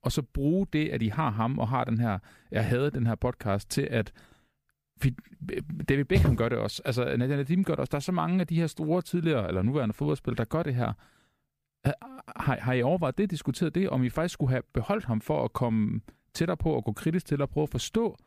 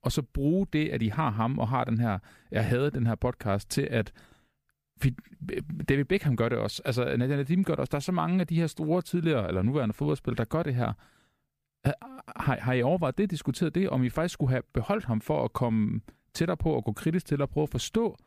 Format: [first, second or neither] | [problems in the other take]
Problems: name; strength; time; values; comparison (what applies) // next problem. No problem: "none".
second | footsteps; loud; at 6 s; peak 2 dB above the speech